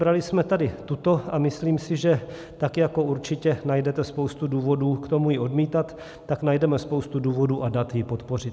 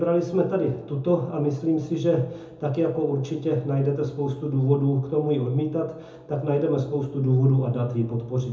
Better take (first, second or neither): first